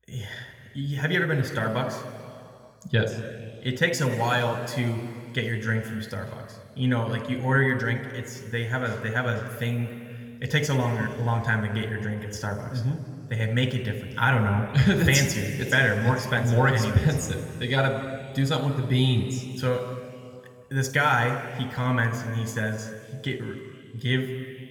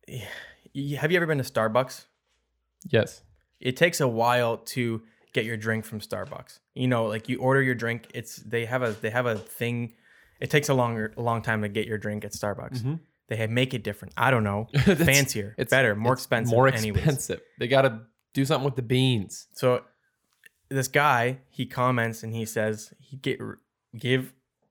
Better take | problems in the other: second | room echo; noticeable; dies away in 2.6 s

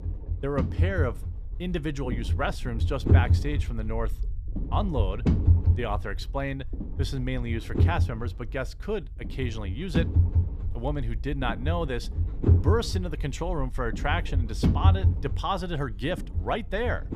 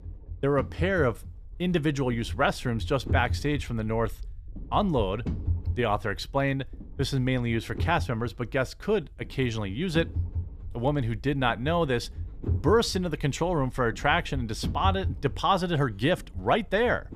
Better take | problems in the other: second | low rumble; loud; throughout; 7 dB below the speech; faint in the second

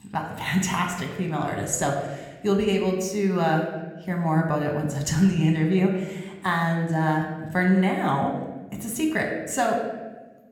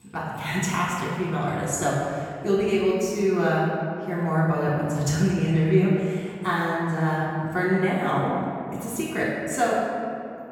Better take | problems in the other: first | room echo; strong; dies away in 2.2 s; slight in the first // off-mic speech; far; somewhat distant in the first

